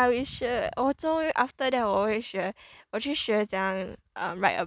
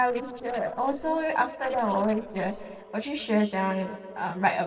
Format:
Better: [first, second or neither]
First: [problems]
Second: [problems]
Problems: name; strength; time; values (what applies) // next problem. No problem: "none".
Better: first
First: none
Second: noise reduction (neural separator model SepFormer DNS4)